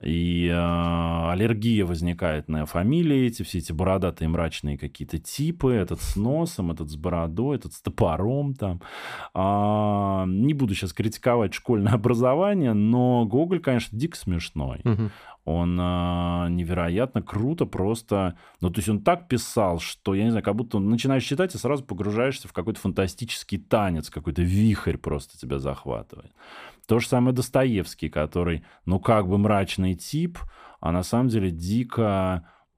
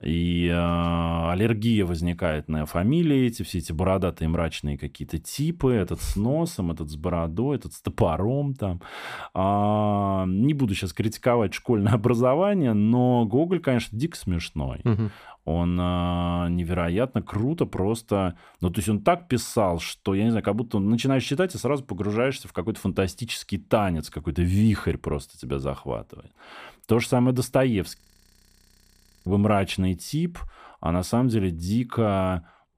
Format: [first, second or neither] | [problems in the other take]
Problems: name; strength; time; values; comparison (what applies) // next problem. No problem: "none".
first | audio freezing; at 28 s for 1.5 s